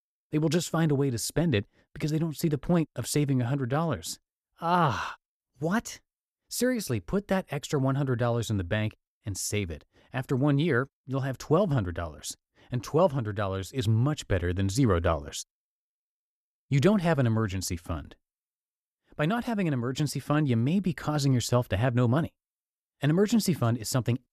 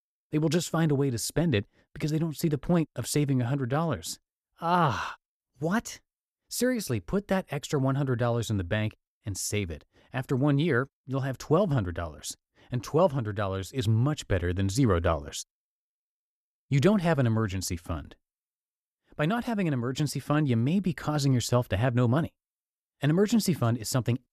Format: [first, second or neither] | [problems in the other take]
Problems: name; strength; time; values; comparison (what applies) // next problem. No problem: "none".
neither | none